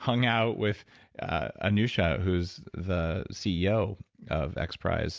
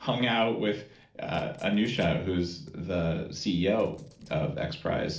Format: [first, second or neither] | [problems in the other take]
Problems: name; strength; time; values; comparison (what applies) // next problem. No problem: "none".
first | noise reduction (neural separator model SepFormer DNS4)